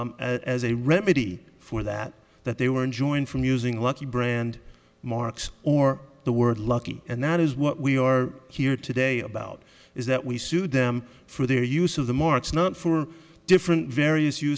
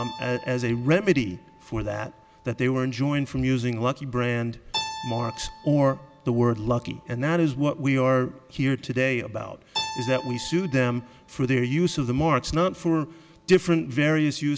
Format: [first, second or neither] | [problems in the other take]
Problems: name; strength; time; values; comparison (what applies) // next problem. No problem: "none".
first | background sound (Keyboard (musical)); 17 dB below the speech